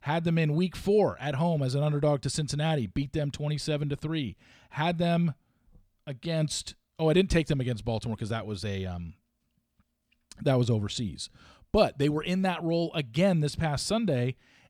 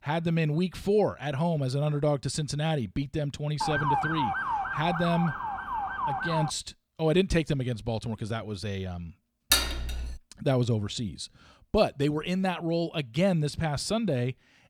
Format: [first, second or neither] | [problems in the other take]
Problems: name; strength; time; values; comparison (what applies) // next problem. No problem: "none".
first | siren; loud; from 3.5 to 6.5 s; peak 1 dB above the speech // clattering dishes; loud; at 9.5 s; peak 5 dB above the speech